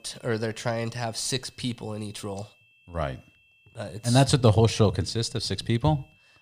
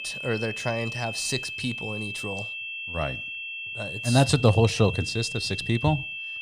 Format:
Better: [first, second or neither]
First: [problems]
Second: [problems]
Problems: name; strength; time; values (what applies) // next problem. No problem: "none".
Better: first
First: high-pitched whine; faint; throughout; 2.5 kHz, 30 dB below the speech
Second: high-pitched whine; loud; throughout; 2.5 kHz, 6 dB below the speech